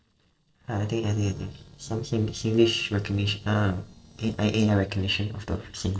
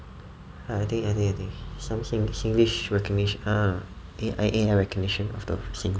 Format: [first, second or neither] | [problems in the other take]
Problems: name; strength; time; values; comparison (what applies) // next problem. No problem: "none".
second | noise reduction (neural separator model SepFormer DNS4)